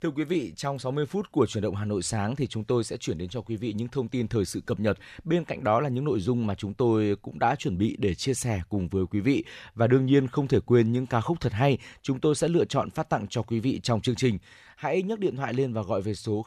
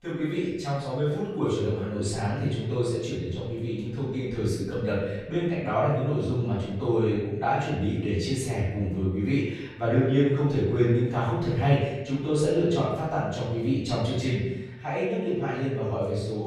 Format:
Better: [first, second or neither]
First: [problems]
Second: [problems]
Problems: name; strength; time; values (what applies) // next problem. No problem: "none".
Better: first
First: none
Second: off-mic speech; far // room echo; noticeable; dies away in 1 s